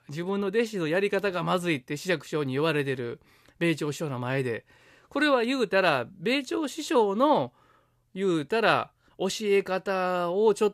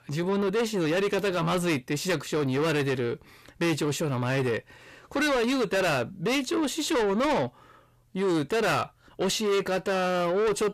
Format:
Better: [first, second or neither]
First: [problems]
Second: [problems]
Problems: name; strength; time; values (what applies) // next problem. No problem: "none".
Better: first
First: none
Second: distortion; heavy; 6 dB below the speech